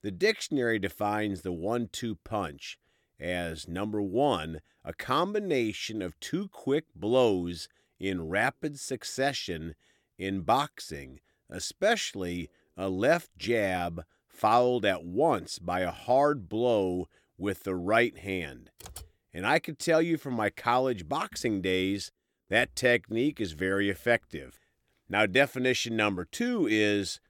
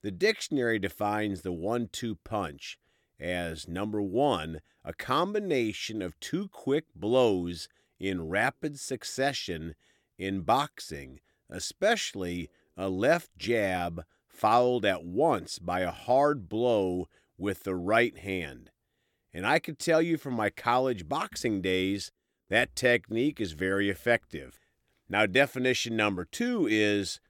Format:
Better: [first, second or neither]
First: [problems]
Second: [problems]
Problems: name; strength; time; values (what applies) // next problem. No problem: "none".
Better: second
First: keyboard typing; faint; at 19 s; peak 15 dB below the speech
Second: none